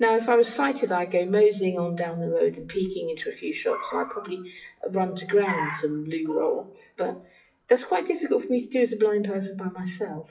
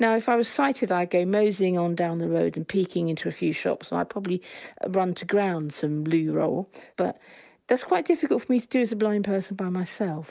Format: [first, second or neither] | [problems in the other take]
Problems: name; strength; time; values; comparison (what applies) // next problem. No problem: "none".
second | noise reduction (classical method WPE with log-MMSE)